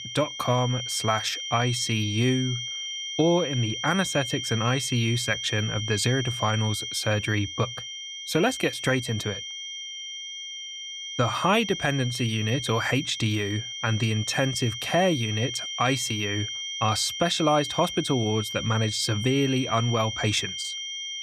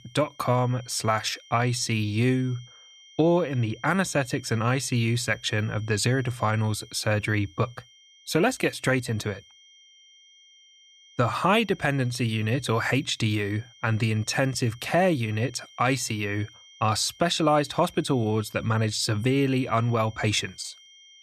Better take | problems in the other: second | high-pitched whine; loud; throughout; 3 kHz, 6 dB below the speech; faint in the second

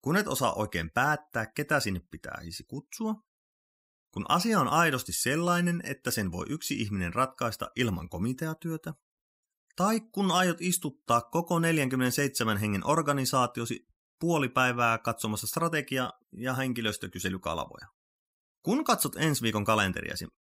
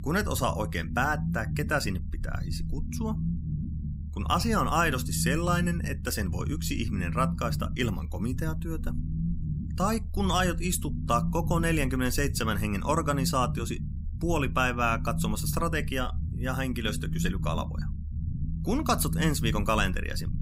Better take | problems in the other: first | low rumble; noticeable; throughout; 15 dB below the speech

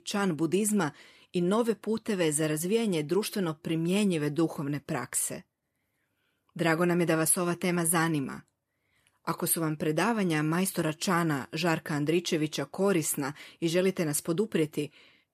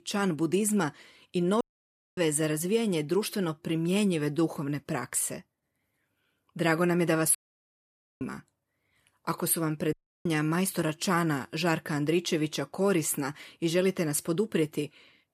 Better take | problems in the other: first | audio cutting out; at 1.5 s for 0.5 s, at 7.5 s for 1 s and at 10 s

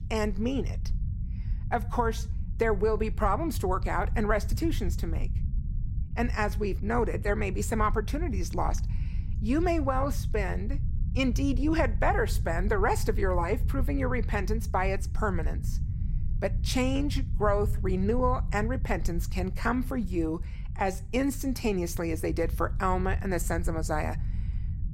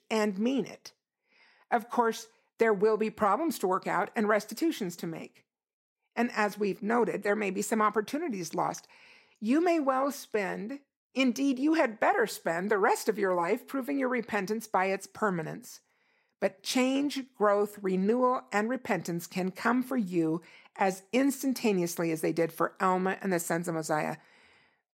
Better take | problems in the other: second | low rumble; noticeable; throughout; 20 dB below the speech

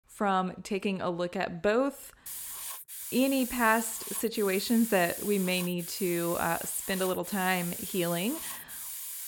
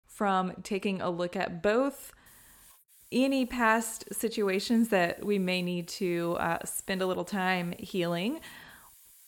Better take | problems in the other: second | hiss; loud; from 2.5 s on; 7 dB below the speech; faint in the second

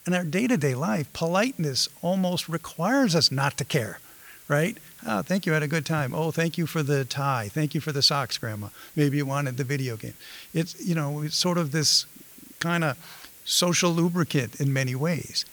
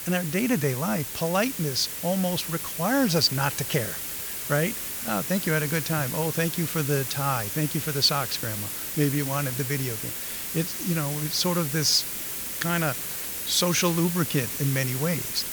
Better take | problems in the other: first | hiss; loud; throughout; 4 dB below the speech; faint in the first

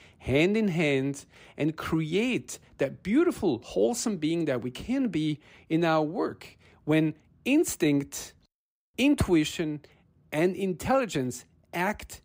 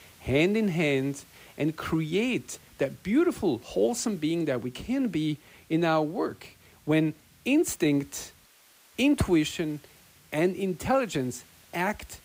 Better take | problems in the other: first | hiss; faint; throughout; 30 dB below the speech

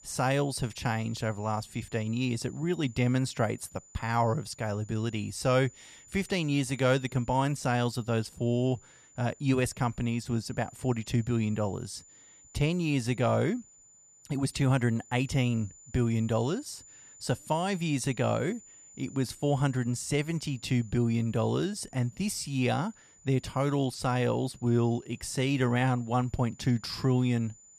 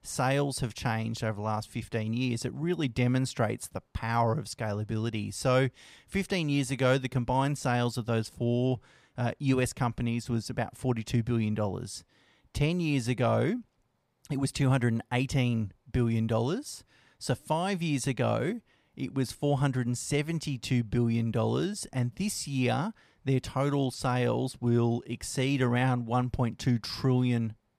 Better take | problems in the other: second | high-pitched whine; faint; throughout; 7 kHz, 25 dB below the speech

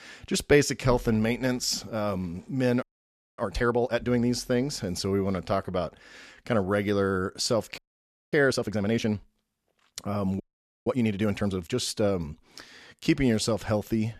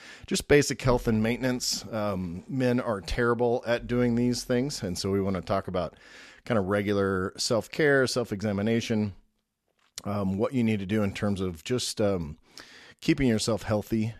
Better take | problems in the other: second | audio freezing; at 3 s for 0.5 s, at 8 s for 0.5 s and at 10 s

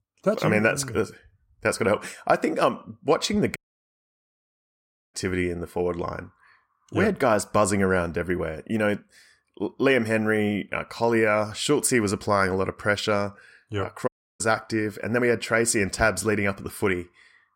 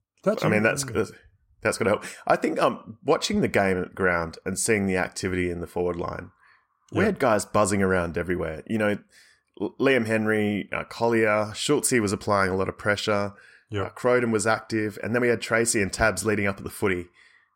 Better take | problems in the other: second | audio cutting out; at 3.5 s for 1.5 s and at 14 s

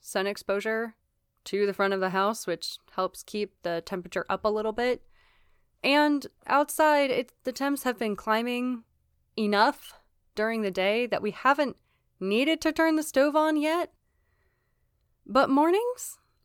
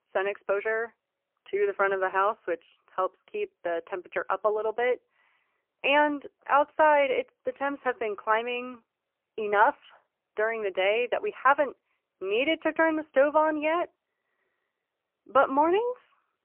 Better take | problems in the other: first | phone-call audio; poor line; nothing above 3 kHz

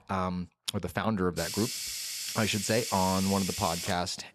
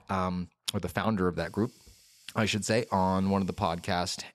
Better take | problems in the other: second | hiss; loud; from 1.5 s on; 3 dB below the speech; faint in the second

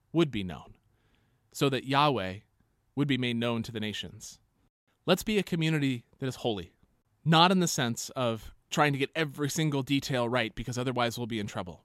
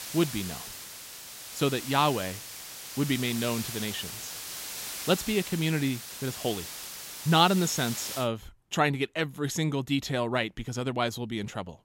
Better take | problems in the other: first | hiss; loud; until 8 s; 8 dB below the speech

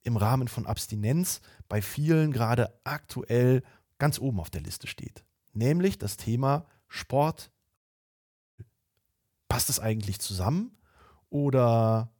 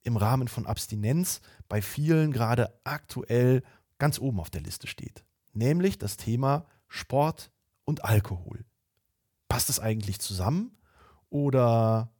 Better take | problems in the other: second | audio cutting out; at 8 s for 1 s

